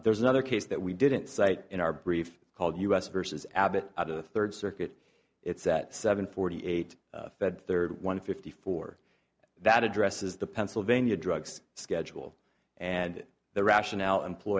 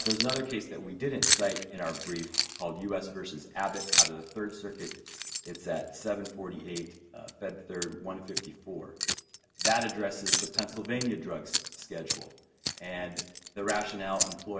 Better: first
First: none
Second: background sound (Keys jangling); 1 dB above the speech // room echo; dies away in 0.9 s

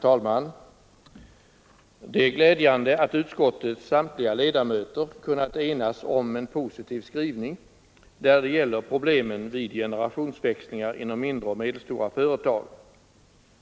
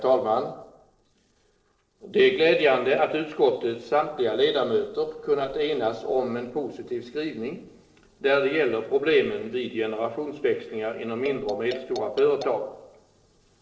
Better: first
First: none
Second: noise reduction (neural separator model SepFormer DNS4)

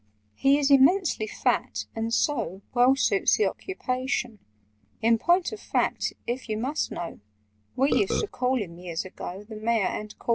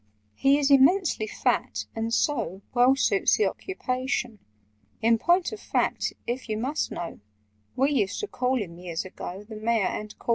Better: second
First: background sound (Burping, eructation); 2 dB below the speech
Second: none

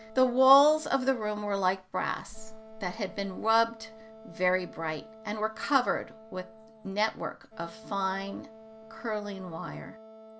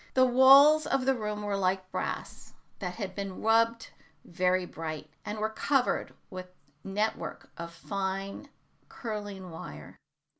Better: second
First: background sound (Wind instrument, woodwind instrument); 20 dB below the speech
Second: none

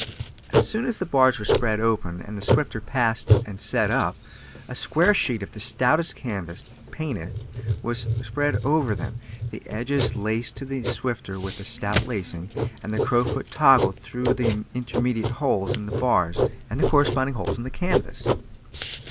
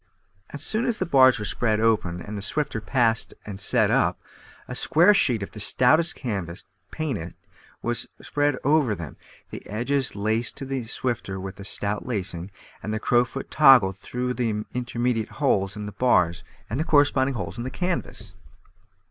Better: second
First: background sound (Writing); 3 dB below the speech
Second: none

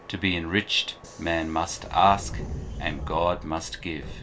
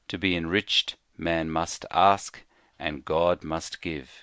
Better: second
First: background sound (Subway, metro, underground); 11 dB below the speech // room echo; dies away in 0.2 s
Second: none

